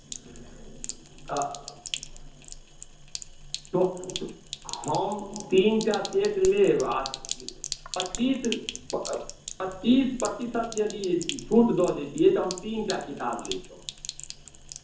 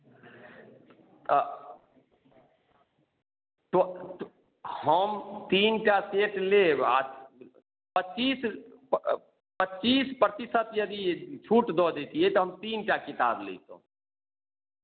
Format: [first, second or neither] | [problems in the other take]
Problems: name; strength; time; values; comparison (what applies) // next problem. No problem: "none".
second | background sound (Sink (filling or washing)); 12 dB below the speech // room echo; dies away in 0.6 s